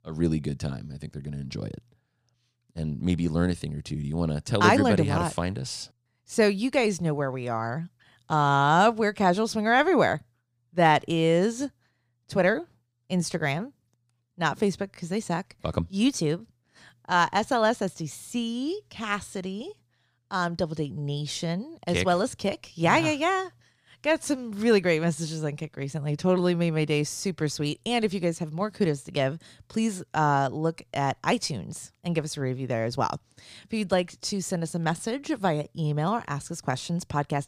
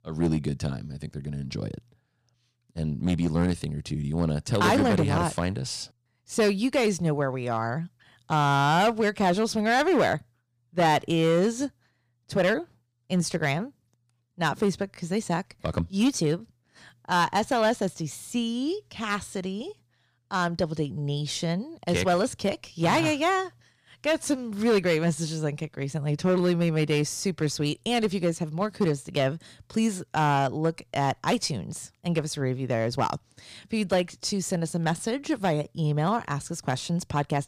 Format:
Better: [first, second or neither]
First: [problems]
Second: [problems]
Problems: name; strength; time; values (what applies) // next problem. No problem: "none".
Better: first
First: none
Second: distortion; slight; 4% of the sound clipped